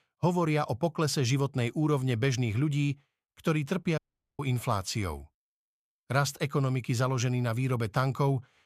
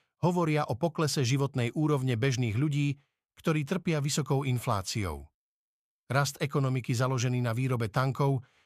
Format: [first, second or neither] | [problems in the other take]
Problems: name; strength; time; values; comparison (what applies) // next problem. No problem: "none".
second | audio cutting out; at 4 s